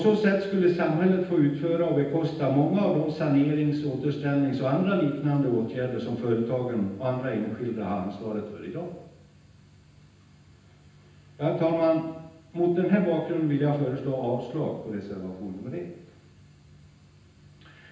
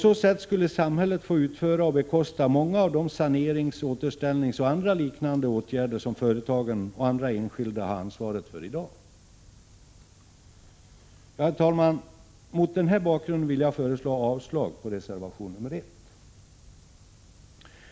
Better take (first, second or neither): second